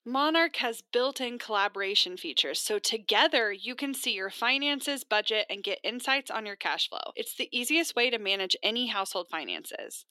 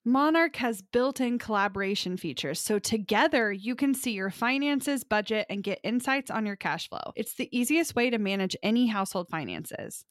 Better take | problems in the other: second | thin; somewhat; fading below 350 Hz

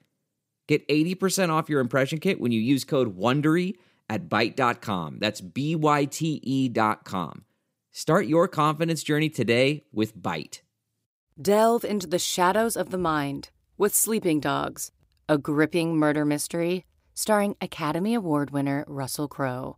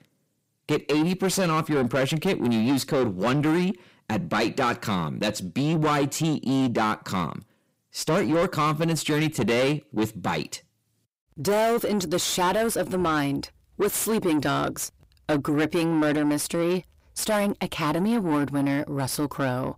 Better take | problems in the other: first | distortion; heavy; 7 dB below the speech

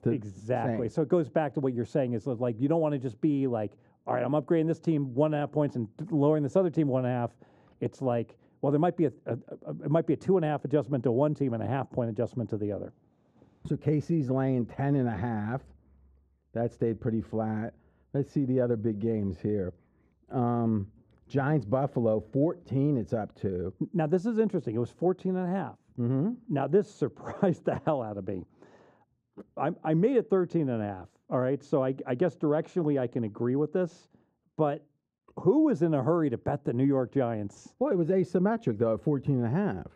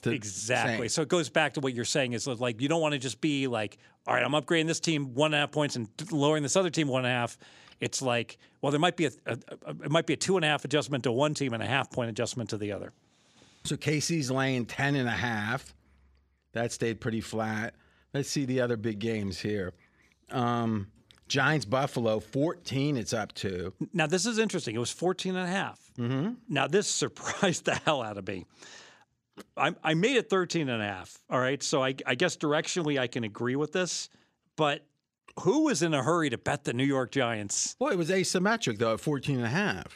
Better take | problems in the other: second | muffled; very; fading above 1.5 kHz

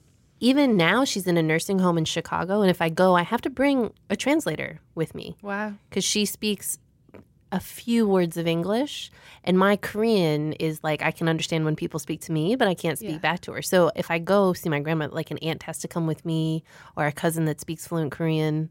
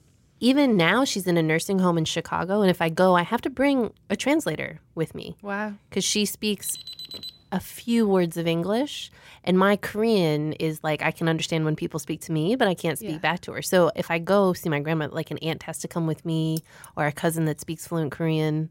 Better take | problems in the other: first | alarm; faint; at 6.5 s; peak 10 dB below the speech // jangling keys; faint; at 17 s; peak 15 dB below the speech

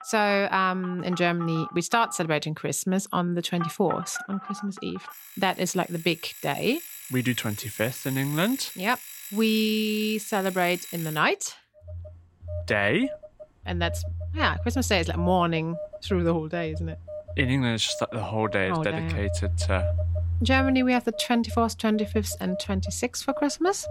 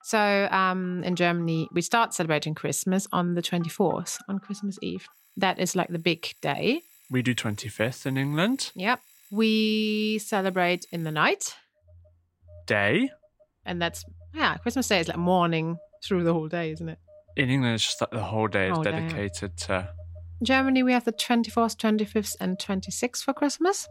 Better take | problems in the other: second | alarms or sirens; loud; throughout; 9 dB below the speech; faint in the second

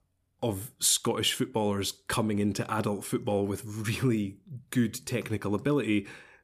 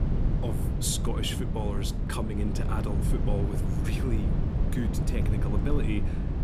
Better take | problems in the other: first | low rumble; loud; throughout; 3 dB below the speech

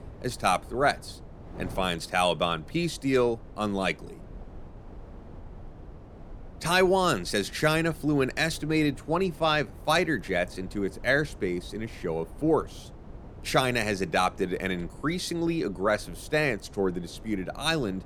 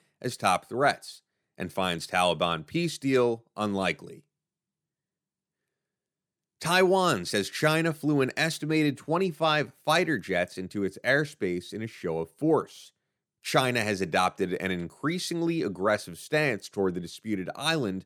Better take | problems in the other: second | wind noise on the microphone; occasional gusts; 25 dB below the speech

